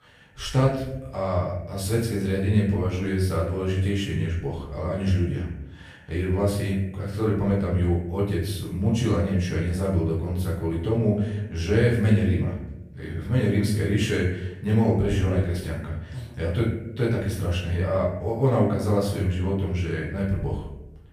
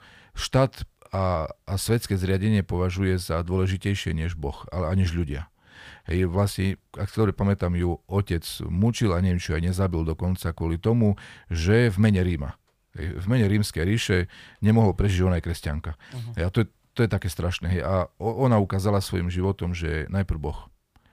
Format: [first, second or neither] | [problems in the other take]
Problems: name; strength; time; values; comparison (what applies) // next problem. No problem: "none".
second | off-mic speech; far // room echo; noticeable; dies away in 0.7 s